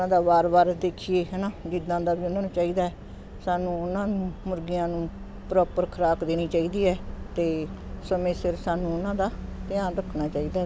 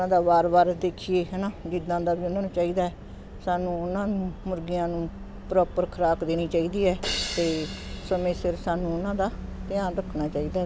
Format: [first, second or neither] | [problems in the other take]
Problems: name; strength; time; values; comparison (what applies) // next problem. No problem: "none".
first | background sound (Crash cymbal); 9 dB below the speech